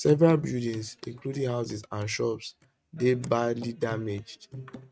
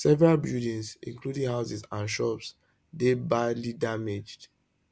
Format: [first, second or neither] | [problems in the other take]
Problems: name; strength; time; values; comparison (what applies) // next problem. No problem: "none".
second | noise reduction (neural mask model RNNoise)